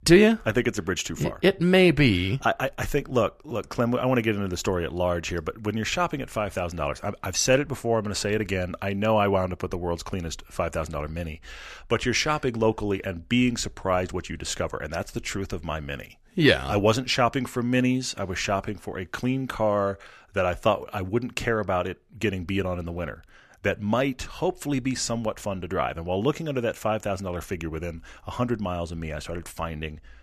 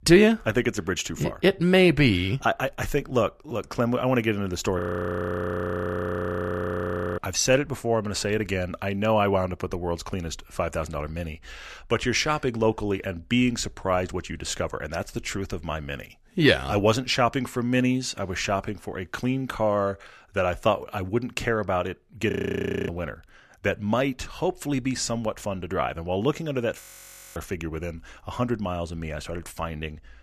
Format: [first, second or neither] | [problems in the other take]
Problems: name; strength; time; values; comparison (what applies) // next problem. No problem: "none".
first | audio freezing; at 5 s for 2.5 s, at 22 s for 0.5 s and at 27 s for 0.5 s